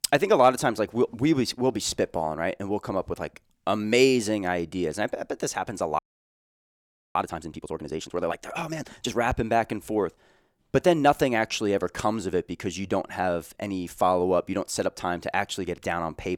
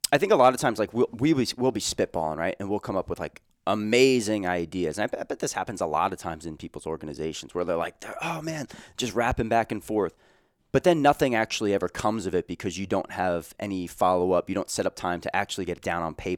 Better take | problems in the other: second | audio freezing; at 6 s for 1 s

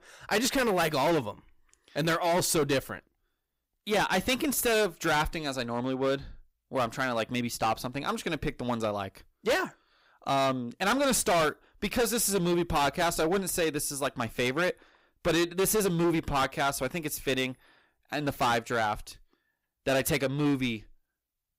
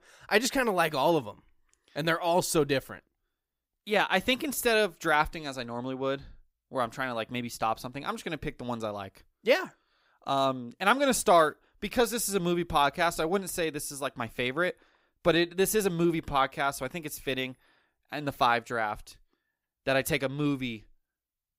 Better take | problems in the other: second | distortion; heavy; 11% of the sound clipped

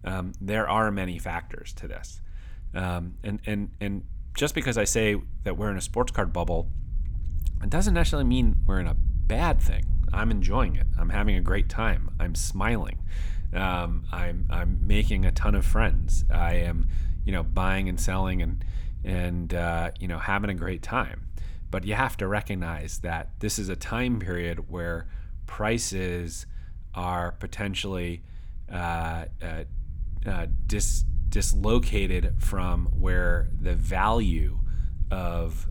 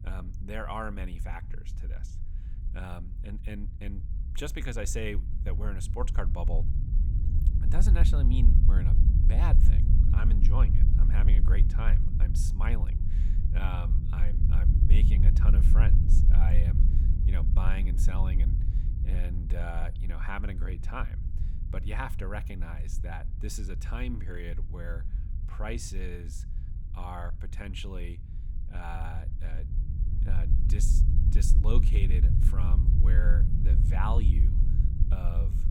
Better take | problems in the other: first | low rumble; loud; throughout; 4 dB below the speech; faint in the first

